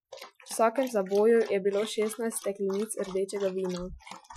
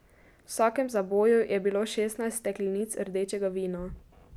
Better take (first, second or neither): second